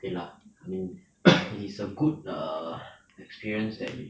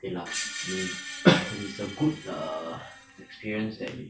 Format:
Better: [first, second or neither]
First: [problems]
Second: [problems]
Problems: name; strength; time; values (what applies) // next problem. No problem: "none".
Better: first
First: none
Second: background sound (Screech); 10 dB below the speech